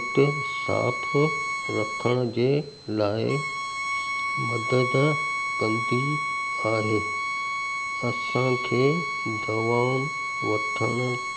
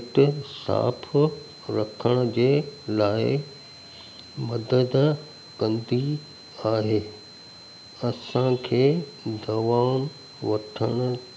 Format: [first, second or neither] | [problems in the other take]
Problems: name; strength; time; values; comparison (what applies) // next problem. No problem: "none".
second | background sound (Bowed string instrument); 2 dB below the speech